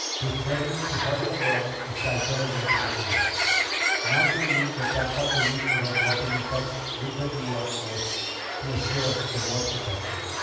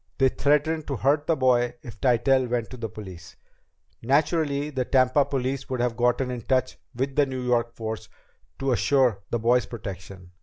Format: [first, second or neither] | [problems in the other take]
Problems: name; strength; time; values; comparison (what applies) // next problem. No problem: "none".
second | background sound (Bird); 3 dB above the speech // room echo; dies away in 1.2 s